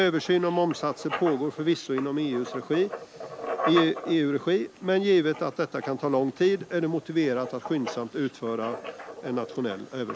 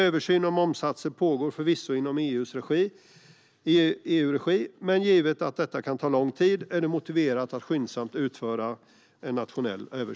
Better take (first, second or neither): second